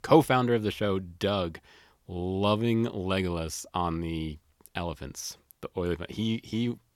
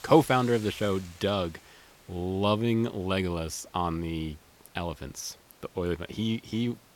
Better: first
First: none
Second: hiss; faint; throughout; 25 dB below the speech

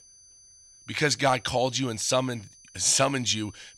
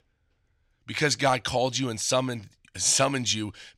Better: second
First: high-pitched whine; faint; throughout; 6 kHz, 25 dB below the speech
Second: none

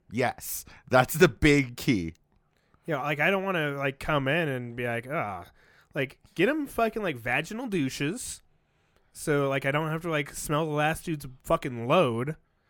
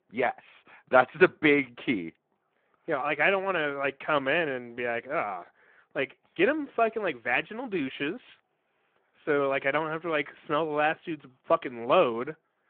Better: first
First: none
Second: phone-call audio

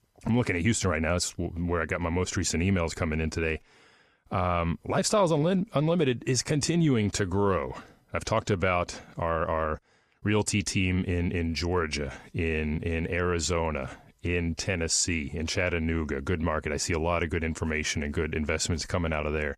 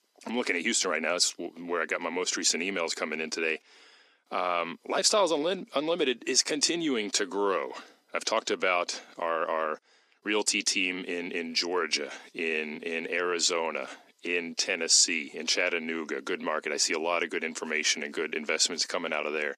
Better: first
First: none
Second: thin; somewhat; fading below 250 Hz

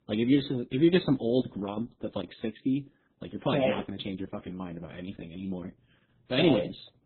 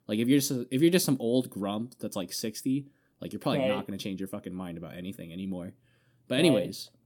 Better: second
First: garbled, watery; badly; nothing above 4 kHz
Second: none

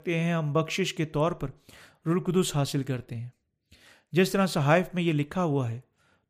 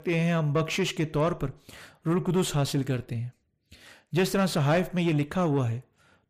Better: first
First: none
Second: distortion; slight; 10 dB below the speech

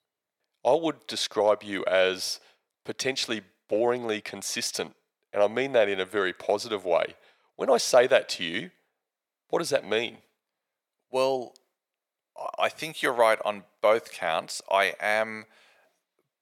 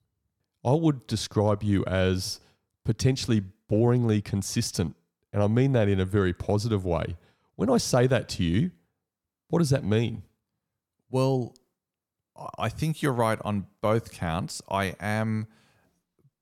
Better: second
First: thin; very; fading below 500 Hz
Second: none

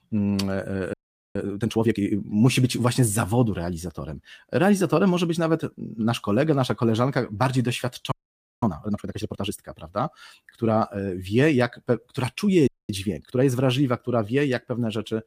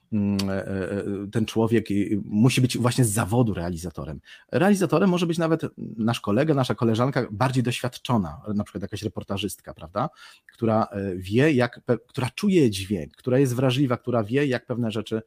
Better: second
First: audio freezing; at 1 s, at 8 s for 0.5 s and at 13 s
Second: none

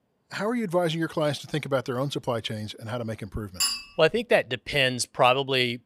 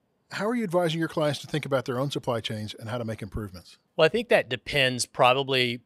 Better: second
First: clattering dishes; loud; at 3.5 s; peak level with the speech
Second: none

